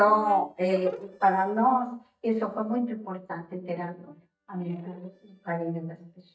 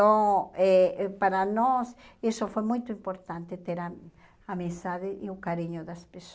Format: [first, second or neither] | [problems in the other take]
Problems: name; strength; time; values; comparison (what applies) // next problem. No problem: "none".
second | noise reduction (neural mask model DeepFilterNet 3)